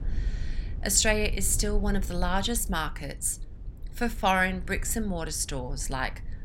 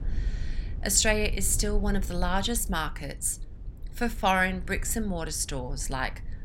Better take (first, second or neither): neither